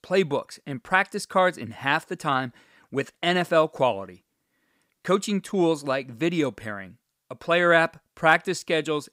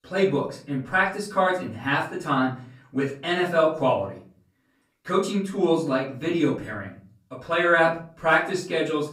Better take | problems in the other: first | room echo; slight; dies away in 0.5 s // off-mic speech; far

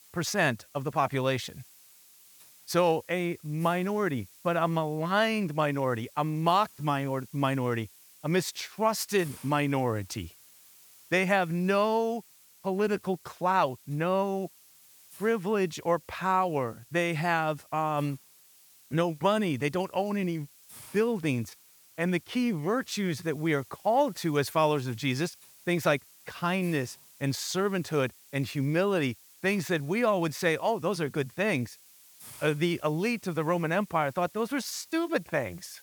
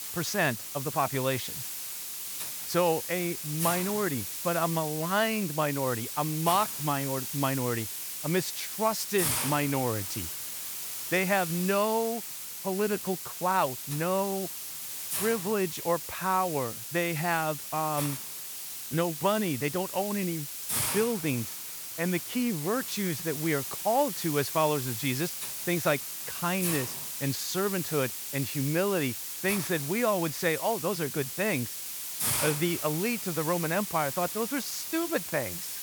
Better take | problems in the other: first | hiss; loud; throughout; 3 dB below the speech; faint in the first

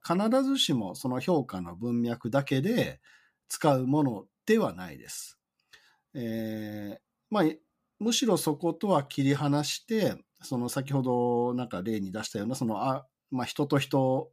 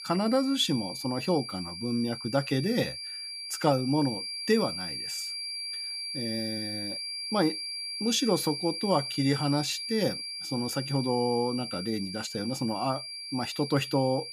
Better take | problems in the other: first | high-pitched whine; loud; throughout; 4.5 kHz, 5 dB below the speech

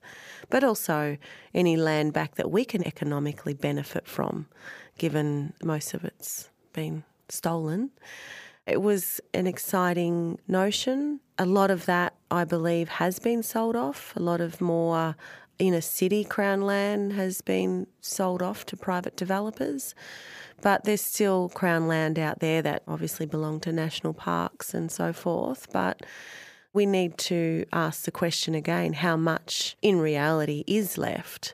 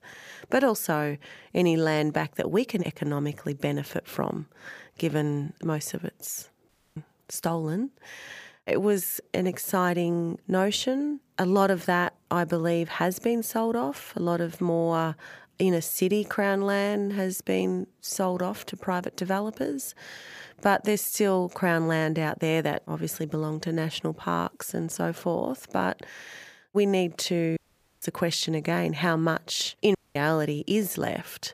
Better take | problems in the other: first | audio cutting out; at 6.5 s, at 28 s and at 30 s

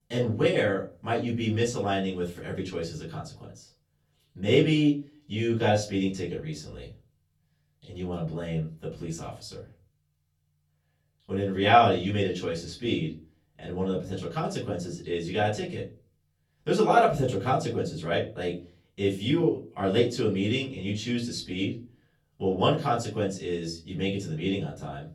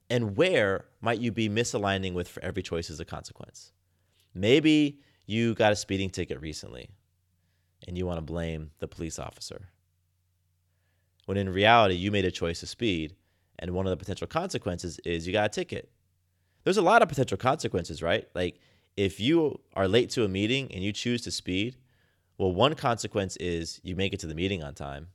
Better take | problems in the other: second | off-mic speech; far // room echo; slight; dies away in 0.3 s

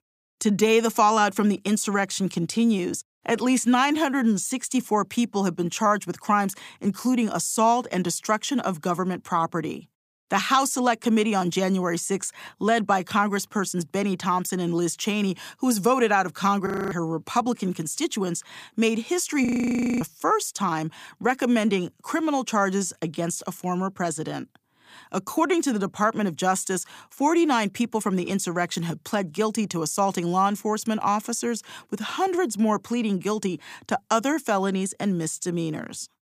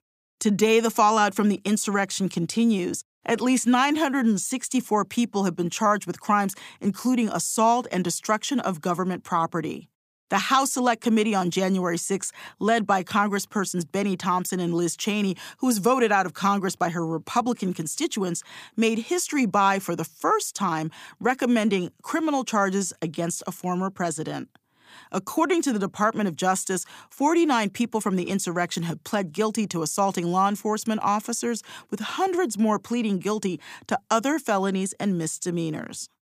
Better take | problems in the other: second | audio freezing; at 17 s and at 19 s for 0.5 s

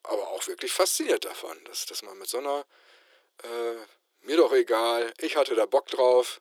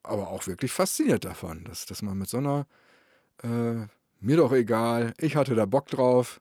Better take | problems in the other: second | thin; very; fading below 350 Hz

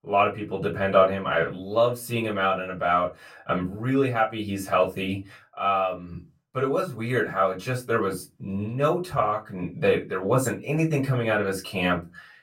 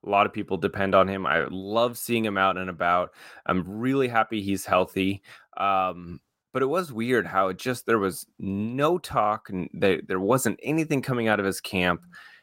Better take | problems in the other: second | off-mic speech; far // room echo; very slight; dies away in 0.2 s

